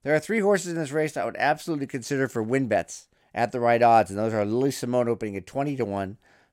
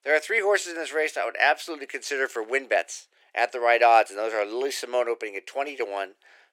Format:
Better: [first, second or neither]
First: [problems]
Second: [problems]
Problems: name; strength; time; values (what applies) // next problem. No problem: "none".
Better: first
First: none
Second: thin; very; fading below 350 Hz